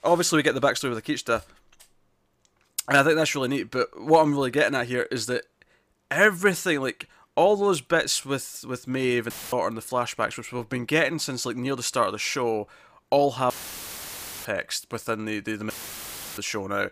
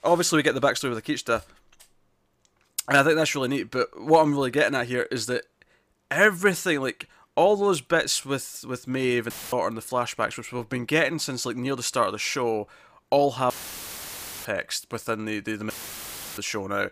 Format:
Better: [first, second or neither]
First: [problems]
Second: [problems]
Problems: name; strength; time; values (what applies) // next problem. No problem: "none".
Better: neither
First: audio cutting out; filled with static; at 9.5 s, at 14 s for 1 s and at 16 s for 0.5 s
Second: audio cutting out; filled with static; at 9.5 s, at 14 s for 1 s and at 16 s for 0.5 s